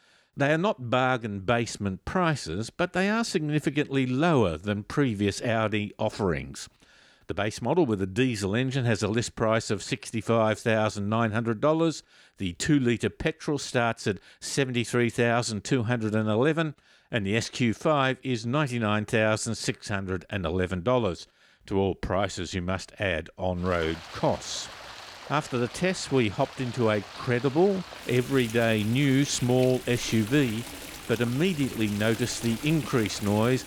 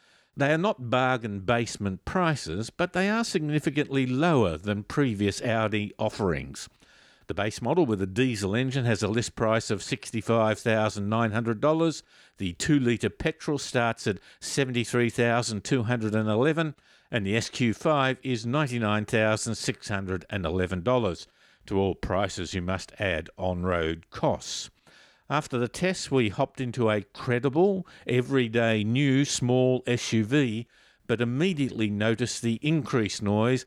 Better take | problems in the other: second | rain or running water; noticeable; from 24 s on; 15 dB below the speech

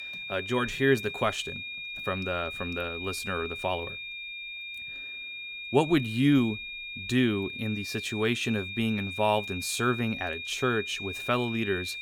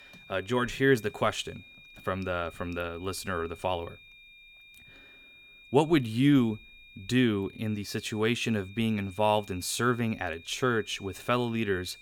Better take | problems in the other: second | high-pitched whine; loud; throughout; 2.5 kHz, 7 dB below the speech; faint in the second

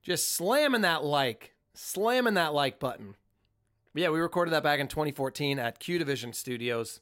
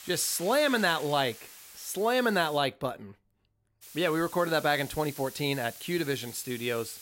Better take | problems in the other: first | hiss; noticeable; until 2.5 s and from 4 s on; 15 dB below the speech

